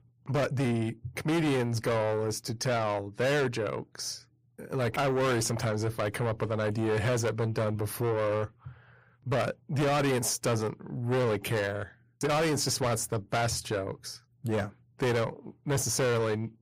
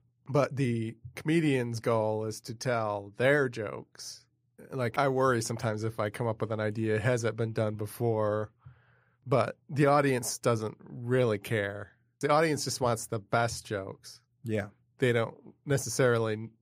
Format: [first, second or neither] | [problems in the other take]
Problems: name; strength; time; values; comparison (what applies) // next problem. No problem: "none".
second | distortion; heavy; 6 dB below the speech